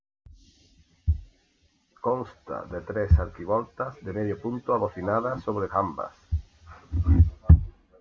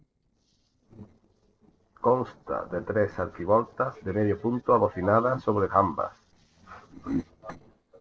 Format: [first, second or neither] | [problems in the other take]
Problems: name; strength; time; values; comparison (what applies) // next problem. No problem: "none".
first | noise reduction (neural separator model SepFormer DNS4)